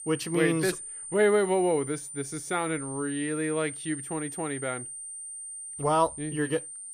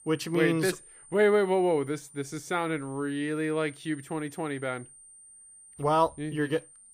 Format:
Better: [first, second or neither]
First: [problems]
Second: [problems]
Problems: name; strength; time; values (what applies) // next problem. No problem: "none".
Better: second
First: high-pitched whine; loud; throughout; 9 kHz, 9 dB below the speech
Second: high-pitched whine; faint; throughout; 9 kHz, 20 dB below the speech